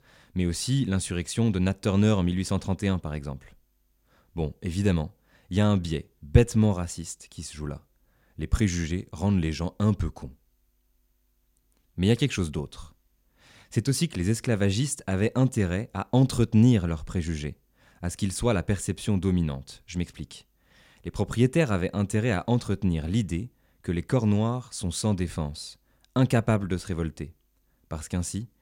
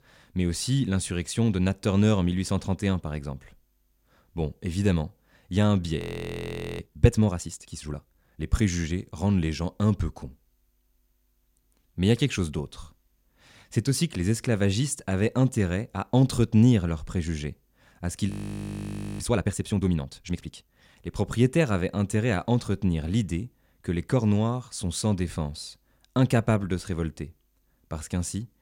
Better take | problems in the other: first | audio freezing; at 6 s for 1 s and at 18 s for 1 s

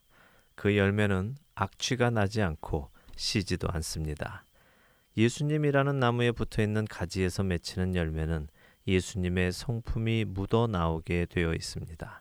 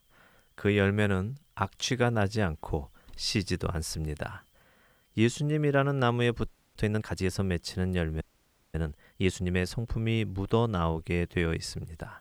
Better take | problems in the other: first | audio freezing; at 6.5 s and at 8 s for 0.5 s

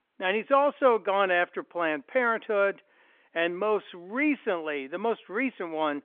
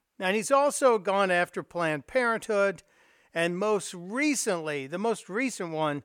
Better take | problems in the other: second | phone-call audio; nothing above 3.5 kHz

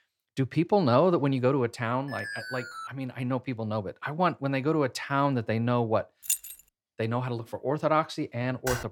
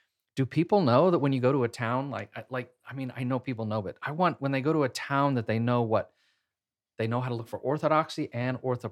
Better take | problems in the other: second | alarm; noticeable; at 2 s; peak 8 dB below the speech // jangling keys; noticeable; at 6.5 s; peak 1 dB below the speech // keyboard typing; very faint; at 8.5 s; peak 6 dB below the speech

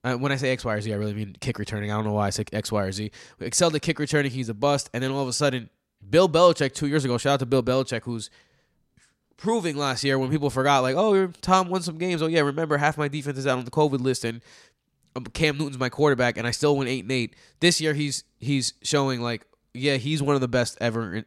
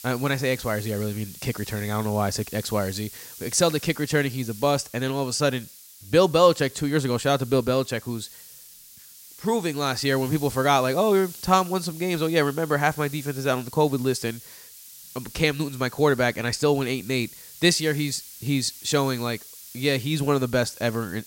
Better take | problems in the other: first | hiss; noticeable; throughout; 15 dB below the speech

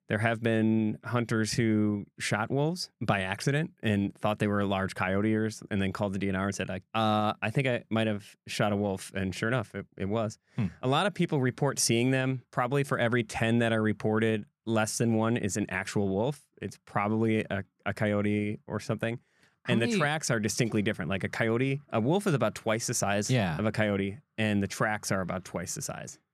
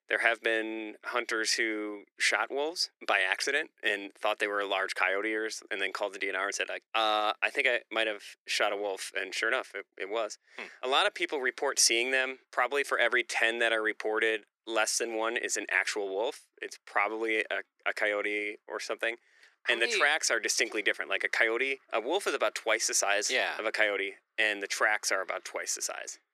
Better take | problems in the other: first | thin; very; fading below 350 Hz

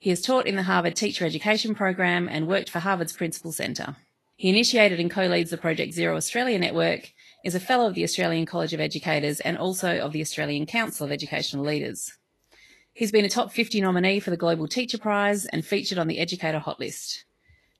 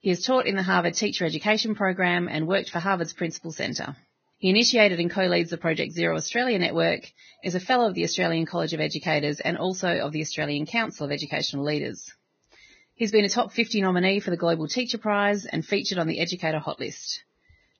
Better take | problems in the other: first | garbled, watery; badly; nothing above 6.5 kHz; slightly in the first

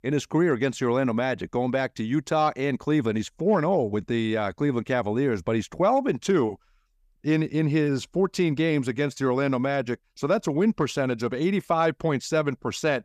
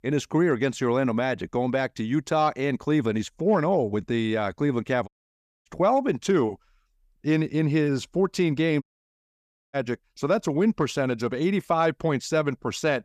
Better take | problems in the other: first | audio cutting out; at 5 s for 0.5 s and at 9 s for 1 s

